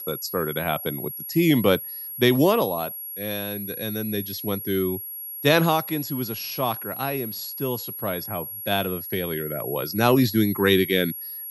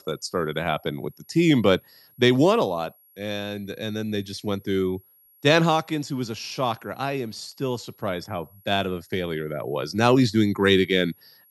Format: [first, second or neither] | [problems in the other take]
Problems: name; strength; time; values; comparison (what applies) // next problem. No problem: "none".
second | high-pitched whine; loud; throughout; 11.5 kHz, 8 dB below the speech; faint in the second